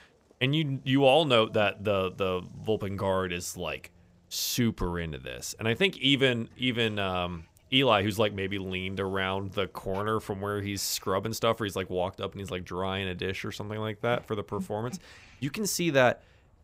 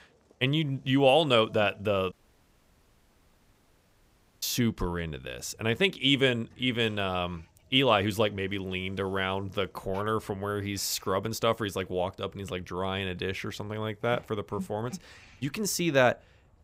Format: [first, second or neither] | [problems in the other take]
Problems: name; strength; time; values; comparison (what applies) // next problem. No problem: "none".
first | audio cutting out; at 2 s for 2.5 s